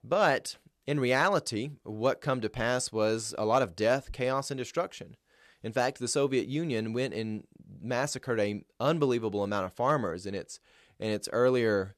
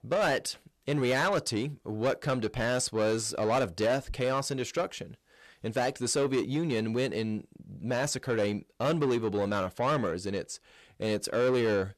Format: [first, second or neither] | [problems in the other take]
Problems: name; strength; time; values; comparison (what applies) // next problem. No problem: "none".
first | distortion; slight; 10 dB below the speech